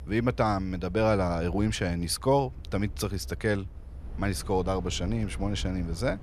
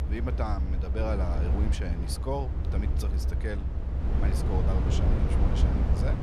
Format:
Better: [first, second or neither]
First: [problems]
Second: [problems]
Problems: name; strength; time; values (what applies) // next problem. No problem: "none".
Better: first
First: low rumble; faint; throughout; 25 dB below the speech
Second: low rumble; loud; throughout; 2 dB below the speech